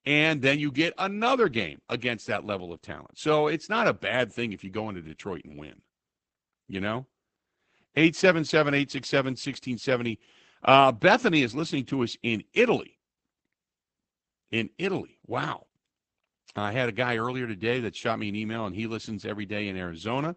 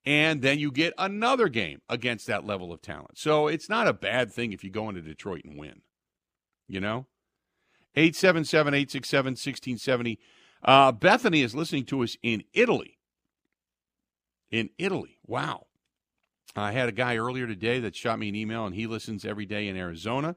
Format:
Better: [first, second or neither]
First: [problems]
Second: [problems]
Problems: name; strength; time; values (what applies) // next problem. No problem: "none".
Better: second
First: garbled, watery; badly; nothing above 8 kHz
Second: none